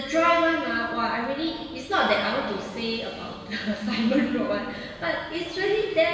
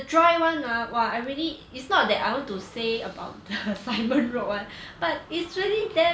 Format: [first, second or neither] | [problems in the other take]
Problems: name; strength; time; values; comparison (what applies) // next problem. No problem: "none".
second | room echo; dies away in 1.6 s